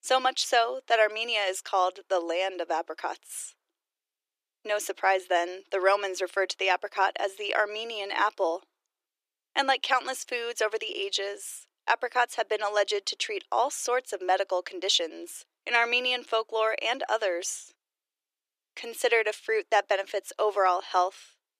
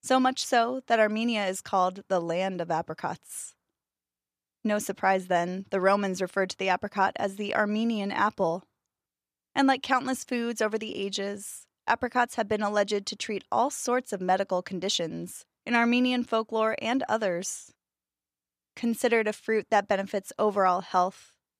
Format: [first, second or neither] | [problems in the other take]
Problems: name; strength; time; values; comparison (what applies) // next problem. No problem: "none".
second | thin; very; fading below 350 Hz